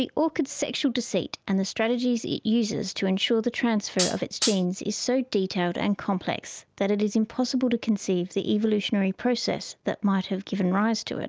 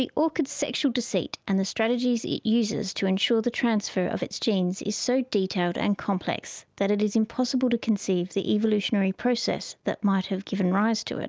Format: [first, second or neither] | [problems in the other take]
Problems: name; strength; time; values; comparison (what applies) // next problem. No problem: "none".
second | background sound (Hi-hat); 3 dB below the speech